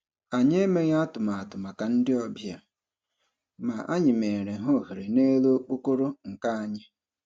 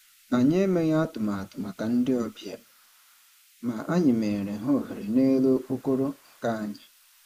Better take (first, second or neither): first